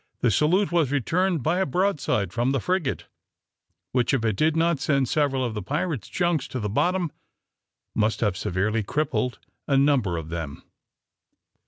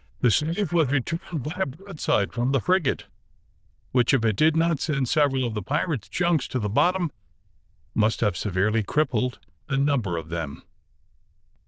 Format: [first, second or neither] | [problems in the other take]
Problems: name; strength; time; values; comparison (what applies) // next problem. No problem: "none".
first | noise reduction (neural diffusion model UNIVERSE++)